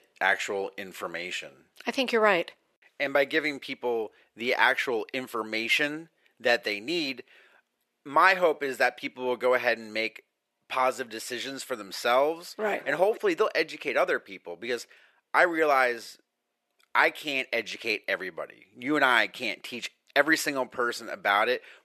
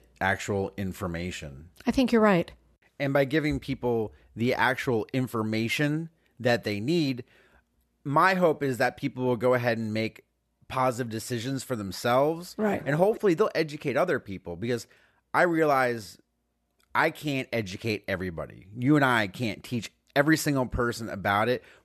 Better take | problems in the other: second | thin; somewhat; fading below 450 Hz

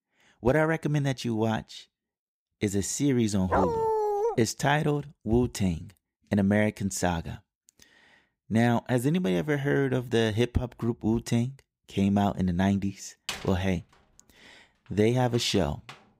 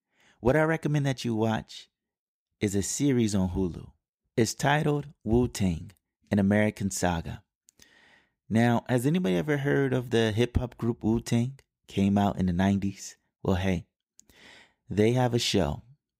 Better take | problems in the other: second | dog barking; loud; at 3.5 s; peak 1 dB above the speech // door banging; noticeable; from 13 s on; peak 9 dB below the speech

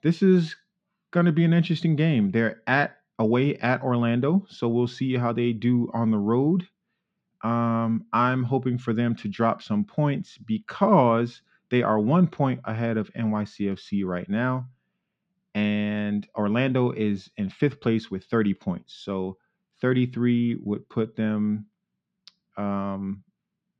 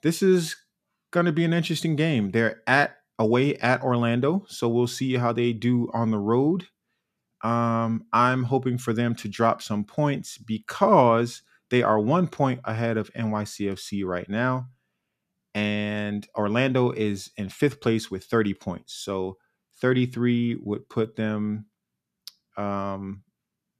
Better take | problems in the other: second | muffled; very slightly; fading above 4 kHz

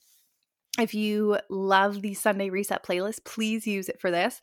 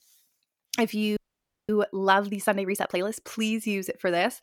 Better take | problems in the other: first | audio freezing; at 1 s for 0.5 s

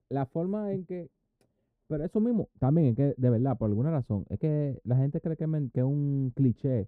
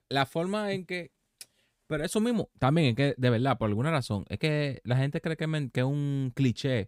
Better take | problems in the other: second | muffled; very; fading above 1.5 kHz

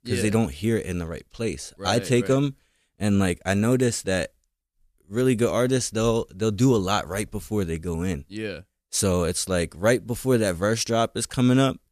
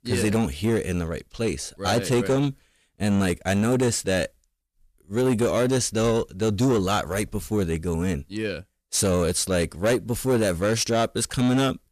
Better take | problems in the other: first | distortion; slight; 10 dB below the speech

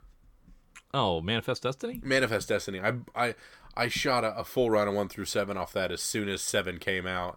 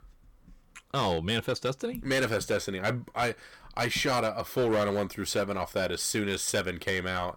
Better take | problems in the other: first | distortion; slight; 7% of the sound clipped

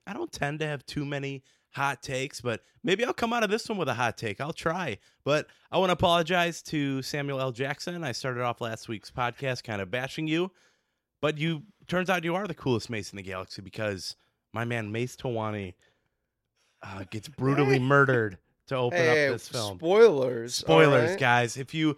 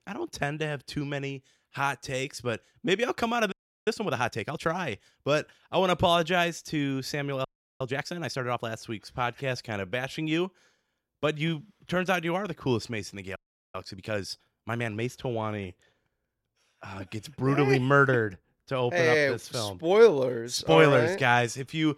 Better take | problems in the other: first | audio freezing; at 3.5 s, at 7.5 s and at 13 s

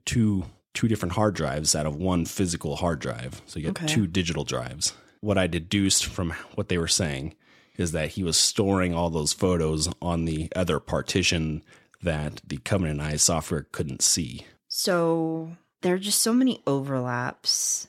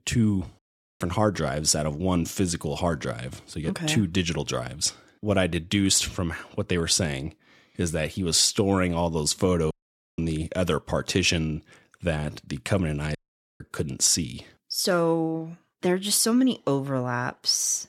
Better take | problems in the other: first | audio cutting out; at 0.5 s, at 9.5 s and at 13 s

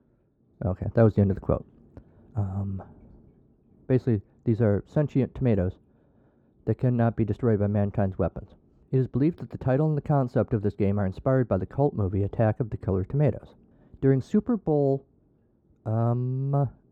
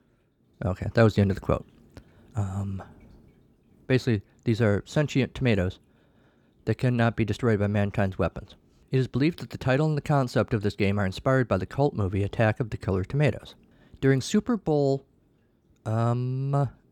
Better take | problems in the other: second | muffled; very; fading above 1.5 kHz

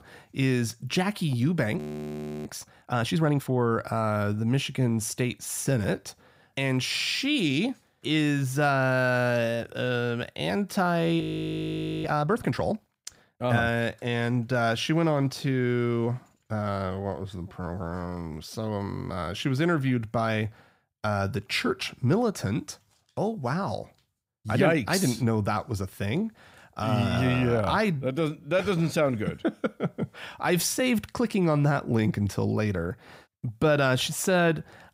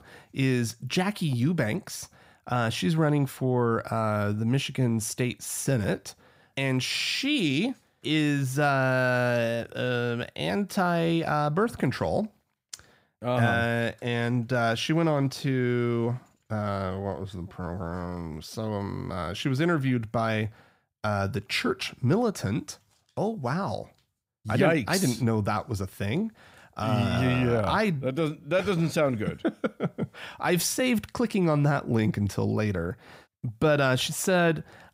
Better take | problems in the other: second | audio freezing; at 2 s for 0.5 s and at 11 s for 1 s

